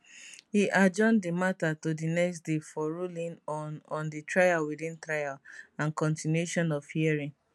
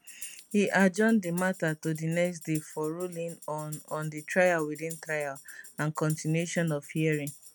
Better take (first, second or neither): first